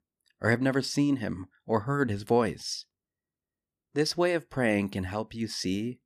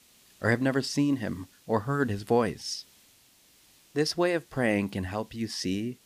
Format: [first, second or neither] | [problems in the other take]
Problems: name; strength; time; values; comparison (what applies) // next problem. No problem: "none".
first | hiss; faint; throughout; 30 dB below the speech